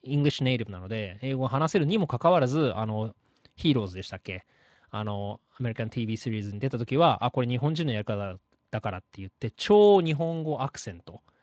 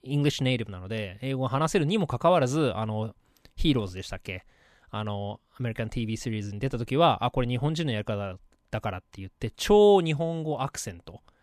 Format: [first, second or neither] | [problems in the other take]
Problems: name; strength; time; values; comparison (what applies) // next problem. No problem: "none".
second | garbled, watery; slightly; nothing above 7.5 kHz